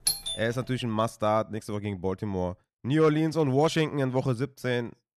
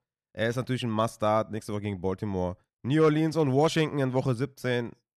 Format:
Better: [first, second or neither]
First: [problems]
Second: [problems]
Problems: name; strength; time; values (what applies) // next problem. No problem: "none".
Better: second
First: doorbell; loud; at the start; peak 1 dB above the speech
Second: none